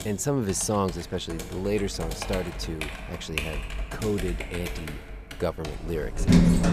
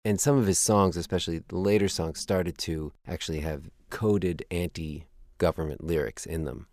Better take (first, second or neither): second